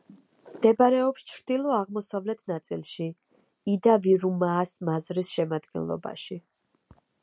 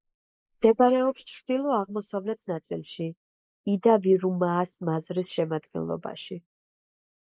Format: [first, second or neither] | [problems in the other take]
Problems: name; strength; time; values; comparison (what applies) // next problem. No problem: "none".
first | noise reduction (neural mask model Resemble Enhance denoiser)